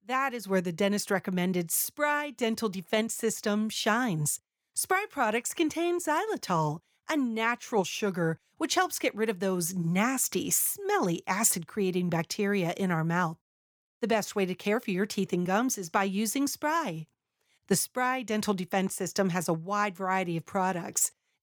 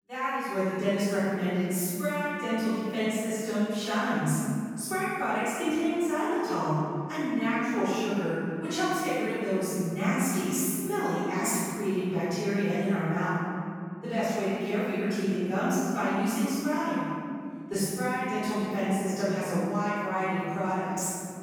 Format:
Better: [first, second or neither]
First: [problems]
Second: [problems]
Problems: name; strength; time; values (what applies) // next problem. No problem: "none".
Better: first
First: none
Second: off-mic speech; far // room echo; strong; dies away in 2.5 s